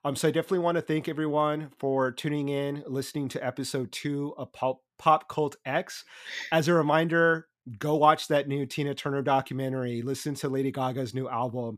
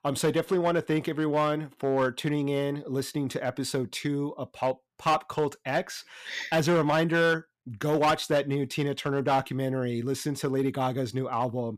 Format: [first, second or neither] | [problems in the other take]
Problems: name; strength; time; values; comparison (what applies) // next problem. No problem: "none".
first | distortion; slight; 4% of the sound clipped